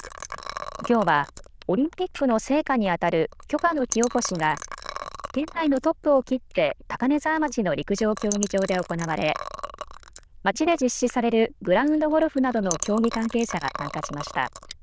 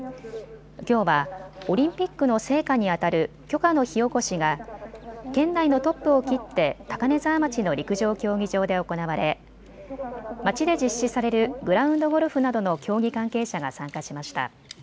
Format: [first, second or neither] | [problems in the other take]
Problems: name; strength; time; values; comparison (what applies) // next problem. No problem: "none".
second | noise reduction (neural diffusion model UNIVERSE++)